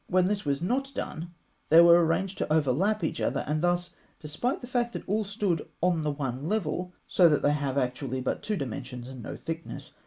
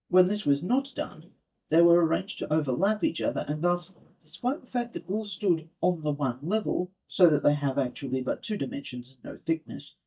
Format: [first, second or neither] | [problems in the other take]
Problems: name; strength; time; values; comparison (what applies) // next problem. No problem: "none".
first | noise reduction (neural mask model DeepFilterNet 3)